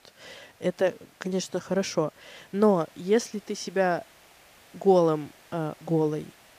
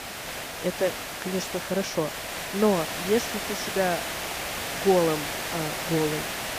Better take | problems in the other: first | hiss; loud; throughout; 3 dB below the speech; faint in the first

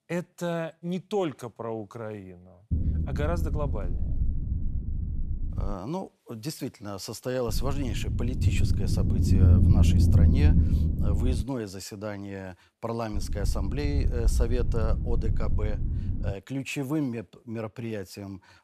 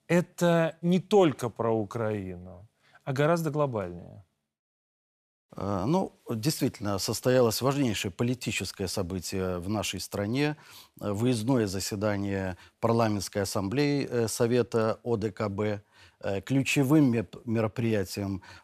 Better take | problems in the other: second | low rumble; loud; from 2.5 to 5.5 s, from 7.5 to 11 s and from 13 to 16 s; 4 dB below the speech

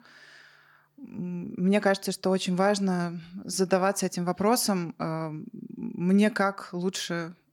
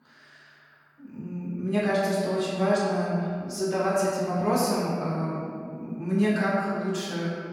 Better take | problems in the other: first | off-mic speech; far // room echo; strong; dies away in 2.1 s

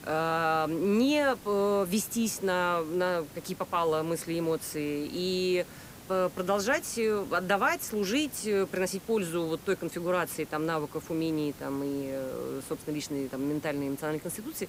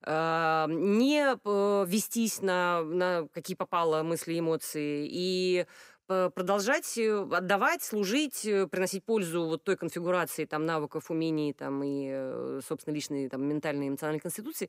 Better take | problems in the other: second | hiss; noticeable; throughout; 20 dB below the speech

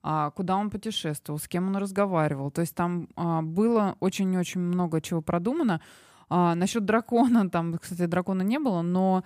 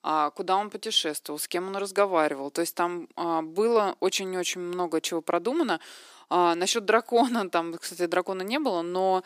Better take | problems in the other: first | thin; somewhat; fading below 350 Hz

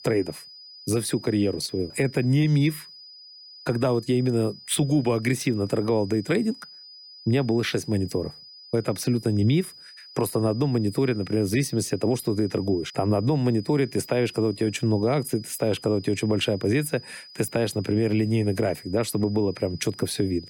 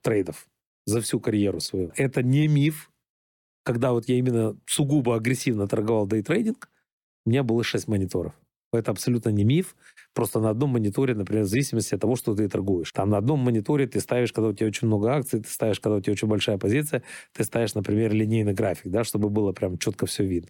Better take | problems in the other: second | high-pitched whine; noticeable; throughout; 5 kHz, 20 dB below the speech

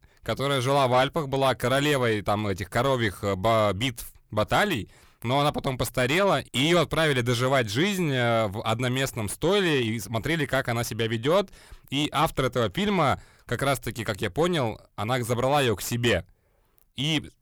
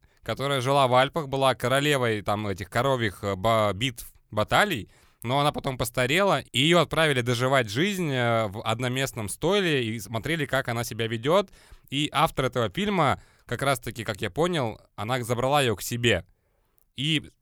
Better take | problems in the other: second | distortion; slight; 10 dB below the speech

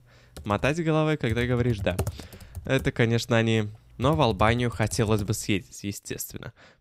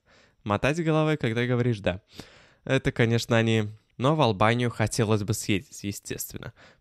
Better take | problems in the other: second | keyboard typing; noticeable; until 5 s; peak 6 dB below the speech

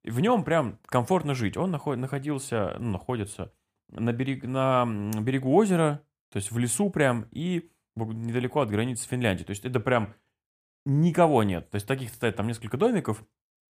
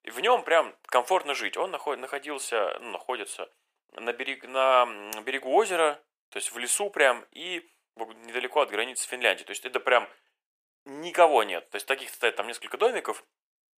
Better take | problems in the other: first | thin; very; fading below 450 Hz

